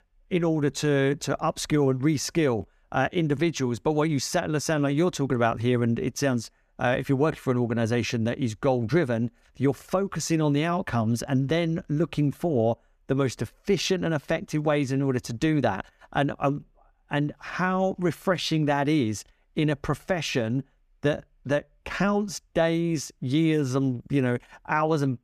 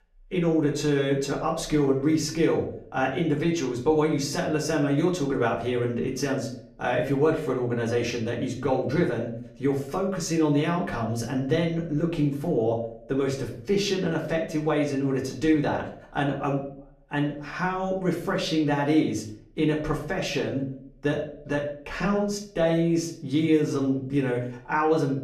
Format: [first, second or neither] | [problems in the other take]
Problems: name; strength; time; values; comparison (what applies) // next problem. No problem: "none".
first | room echo; slight; dies away in 0.5 s // off-mic speech; far